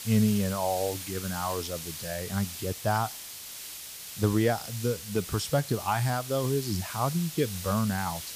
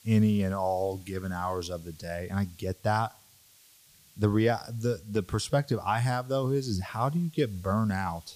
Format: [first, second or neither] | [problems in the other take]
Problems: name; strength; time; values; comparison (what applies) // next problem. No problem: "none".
second | hiss; loud; throughout; 8 dB below the speech; faint in the second